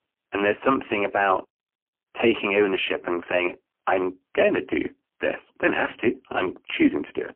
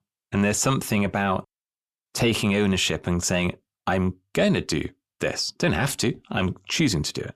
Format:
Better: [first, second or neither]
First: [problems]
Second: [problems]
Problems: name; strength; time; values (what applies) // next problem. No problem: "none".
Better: second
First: phone-call audio; poor line; nothing above 3 kHz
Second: none